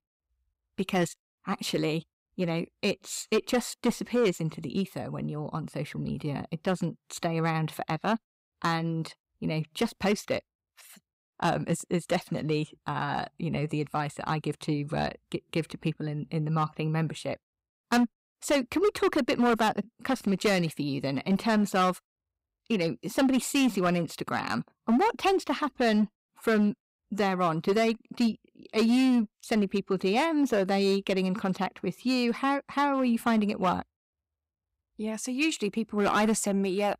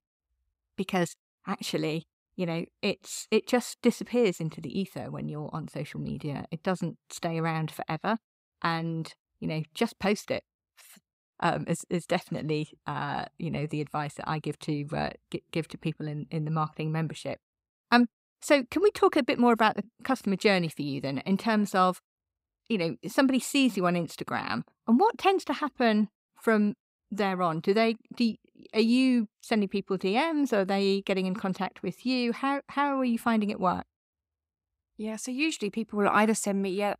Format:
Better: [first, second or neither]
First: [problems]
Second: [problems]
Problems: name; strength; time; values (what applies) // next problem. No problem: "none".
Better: second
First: distortion; slight; 5% of the sound clipped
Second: none